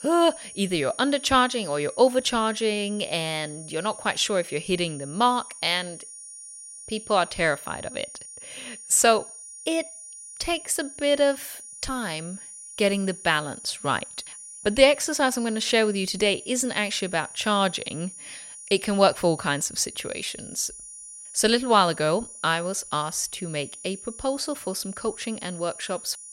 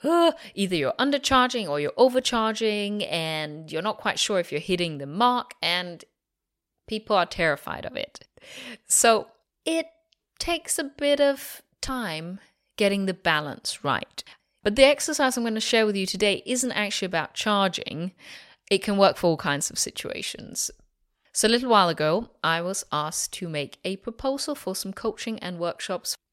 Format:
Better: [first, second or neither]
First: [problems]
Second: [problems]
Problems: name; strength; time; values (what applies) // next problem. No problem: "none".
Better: second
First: high-pitched whine; noticeable; throughout; 9.5 kHz, 15 dB below the speech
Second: none